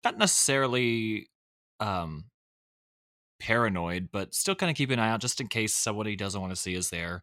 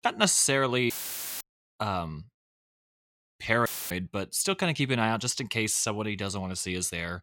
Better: first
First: none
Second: audio cutting out; filled with static; at 1 s for 0.5 s and at 3.5 s

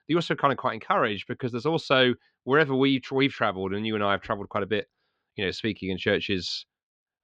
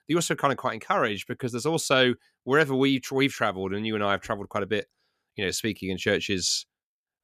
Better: second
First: muffled; slightly; fading above 4 kHz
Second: none

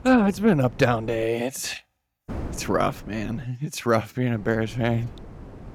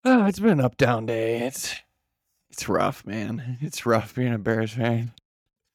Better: second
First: wind noise on the microphone; occasional gusts; until 1 s, from 2.5 to 3.5 s and from 4.5 s on; 20 dB below the speech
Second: none

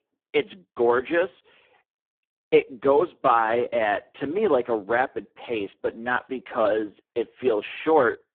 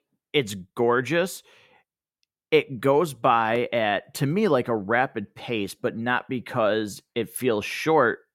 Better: second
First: phone-call audio; poor line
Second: none

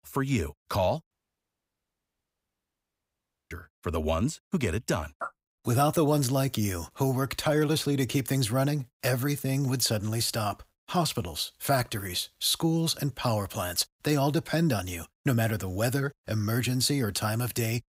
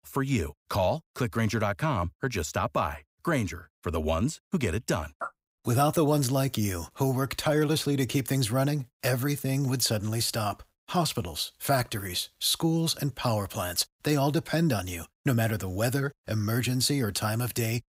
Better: second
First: audio cutting out; at 1 s for 2.5 s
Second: none

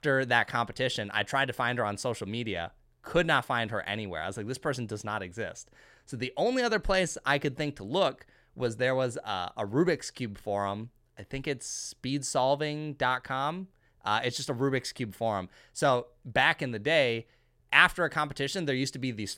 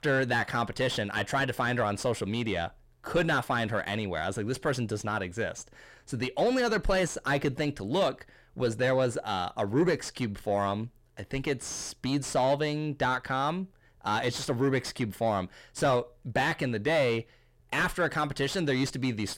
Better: first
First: none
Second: distortion; heavy; 7 dB below the speech

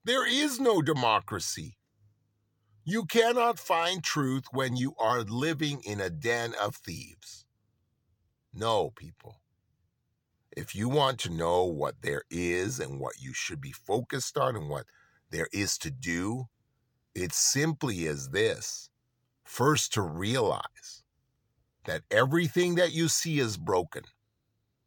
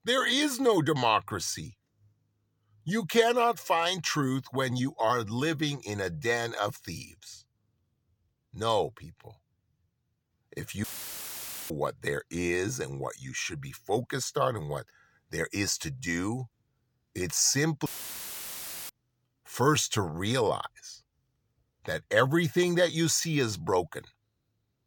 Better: first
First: none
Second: audio cutting out; filled with static; at 11 s for 1 s and at 18 s for 1 s

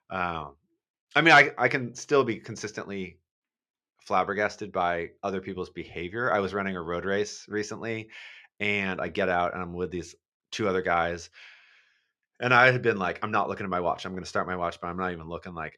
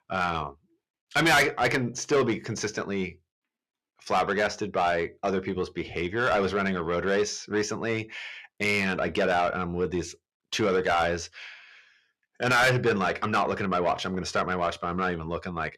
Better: first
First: none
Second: distortion; heavy; 6 dB below the speech

